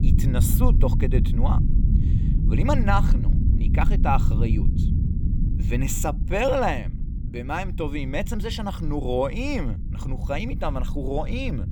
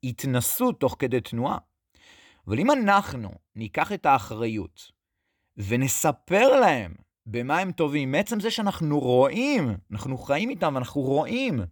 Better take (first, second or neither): second